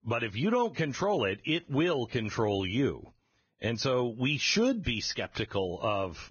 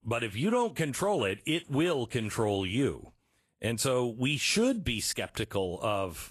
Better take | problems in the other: second | garbled, watery; badly; nothing above 6.5 kHz; slightly in the second

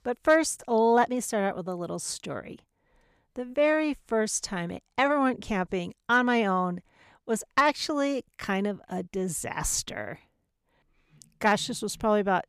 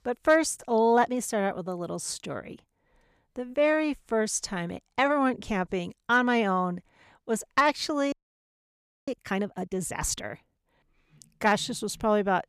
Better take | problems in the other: first | audio freezing; at 8 s for 1 s

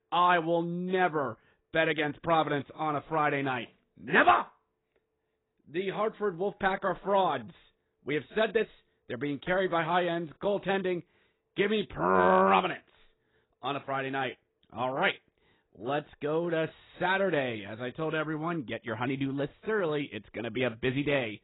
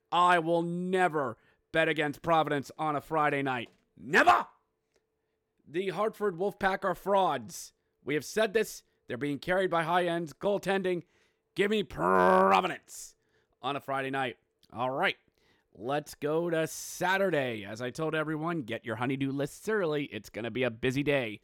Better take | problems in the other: second | garbled, watery; badly; nothing above 4 kHz

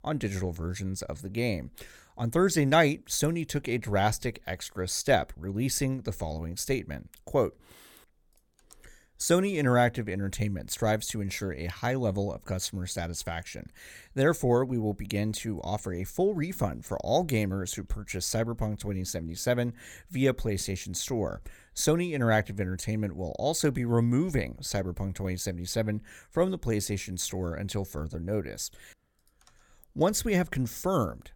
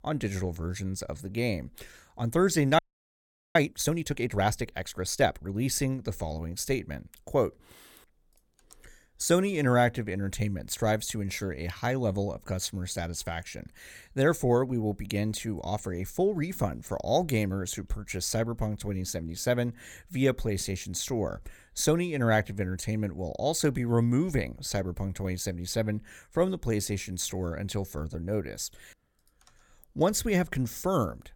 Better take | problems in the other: first | audio freezing; at 3 s for 1 s

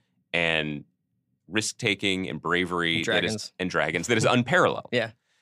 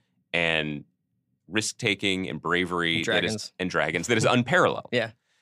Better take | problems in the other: neither | none

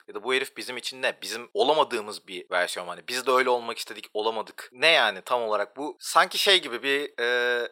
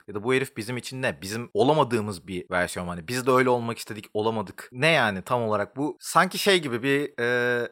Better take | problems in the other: second | thin; somewhat; fading below 500 Hz

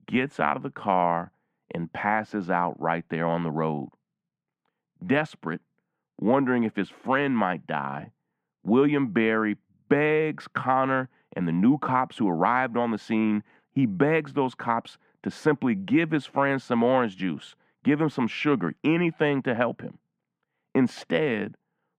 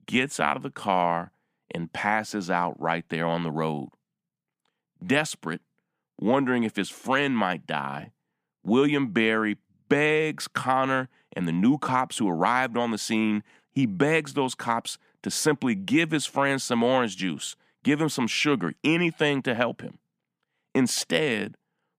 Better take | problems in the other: second | muffled; very; fading above 4 kHz

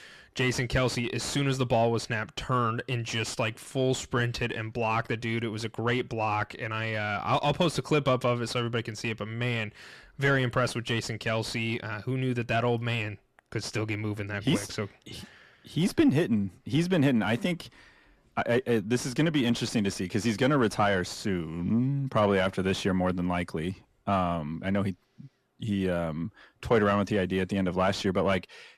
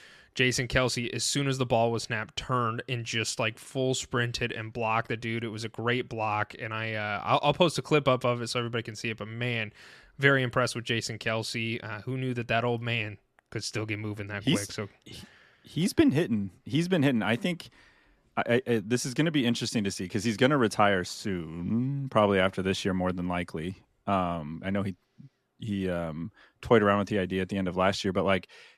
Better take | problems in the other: second | distortion; slight; 10 dB below the speech

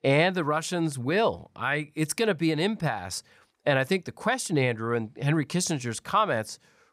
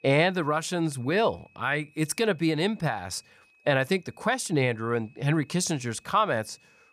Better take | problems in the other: first | high-pitched whine; faint; throughout; 2.5 kHz, 30 dB below the speech

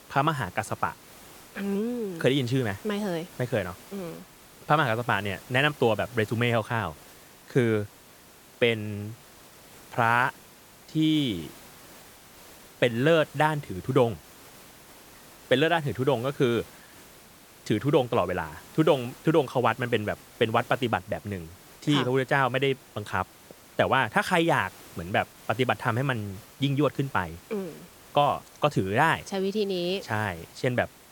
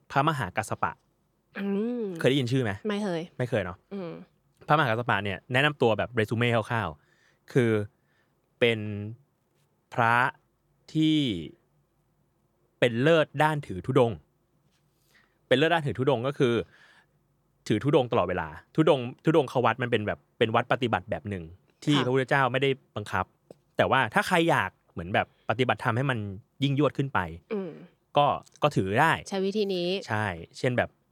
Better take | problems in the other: second | hiss; faint; throughout; 20 dB below the speech

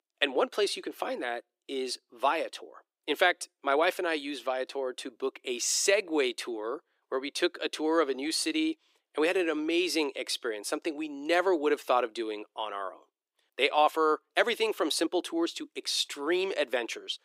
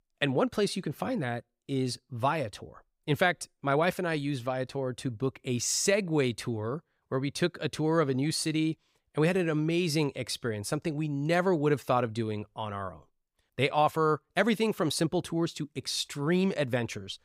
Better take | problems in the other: second | thin; somewhat; fading below 300 Hz

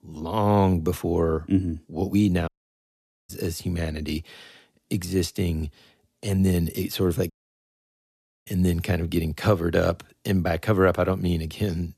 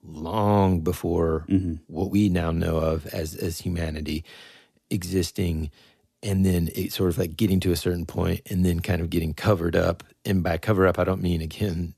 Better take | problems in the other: second | audio cutting out; at 2.5 s for 1 s and at 7.5 s for 1 s

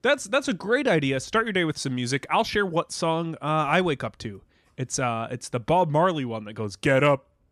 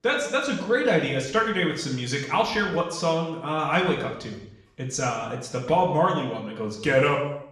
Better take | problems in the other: first | room echo; noticeable; dies away in 0.7 s // off-mic speech; far

